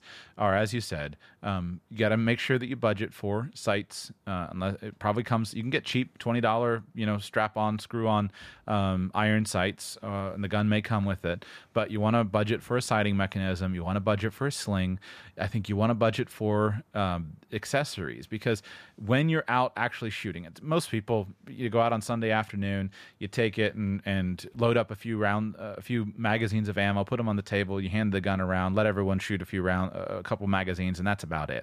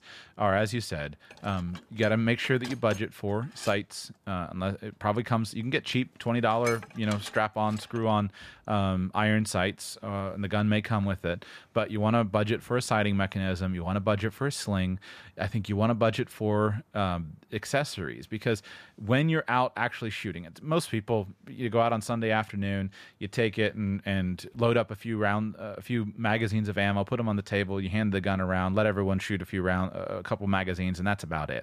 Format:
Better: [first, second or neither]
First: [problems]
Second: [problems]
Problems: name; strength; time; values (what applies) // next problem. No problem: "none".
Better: first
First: none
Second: clattering dishes; noticeable; from 1.5 to 8 s; peak 8 dB below the speech